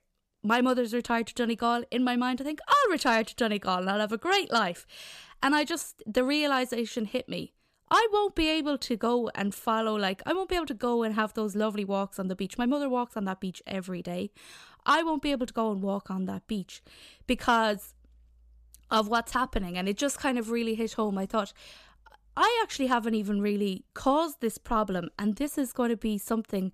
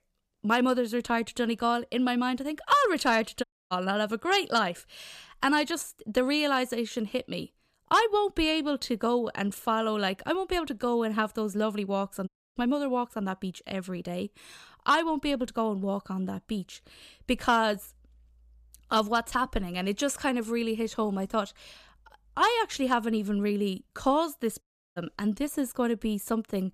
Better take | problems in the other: first | audio cutting out; at 3.5 s, at 12 s and at 25 s

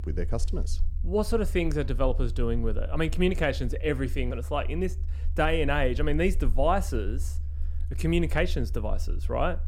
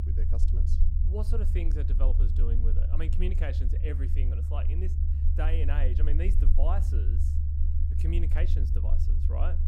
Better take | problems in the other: first | low rumble; loud; throughout; 4 dB below the speech; faint in the first

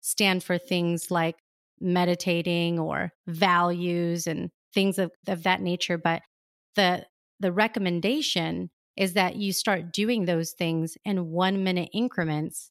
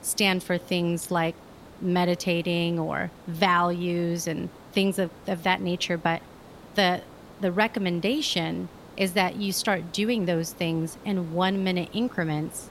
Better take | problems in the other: first | hiss; faint; throughout; 20 dB below the speech

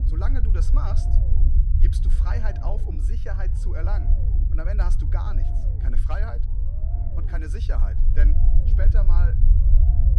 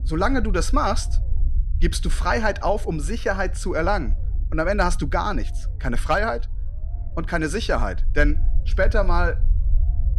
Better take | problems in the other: second | low rumble; loud; throughout; 4 dB below the speech; faint in the second

